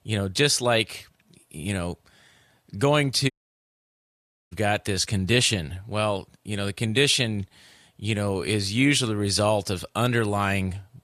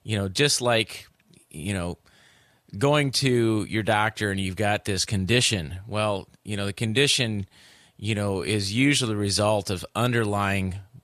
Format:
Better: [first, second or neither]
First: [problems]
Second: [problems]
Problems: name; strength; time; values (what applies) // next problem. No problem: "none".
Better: second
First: audio cutting out; at 3.5 s for 1 s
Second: none